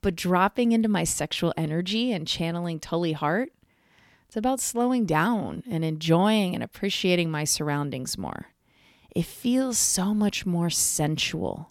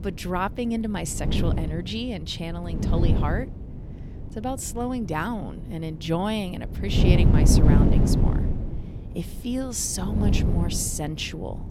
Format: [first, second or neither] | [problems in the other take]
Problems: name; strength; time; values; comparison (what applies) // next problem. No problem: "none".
first | wind noise on the microphone; heavy; 2 dB below the speech